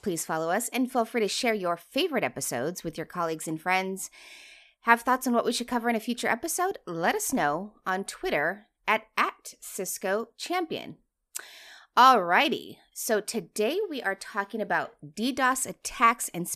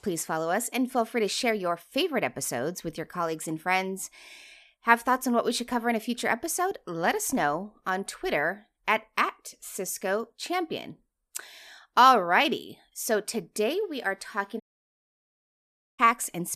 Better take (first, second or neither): first